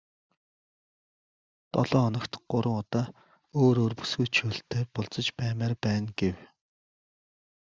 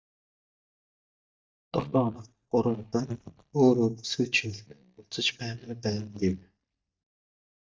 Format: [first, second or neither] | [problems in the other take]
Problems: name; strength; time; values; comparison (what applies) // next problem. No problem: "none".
first | noise reduction (neural mask model DeepFilterNet 3)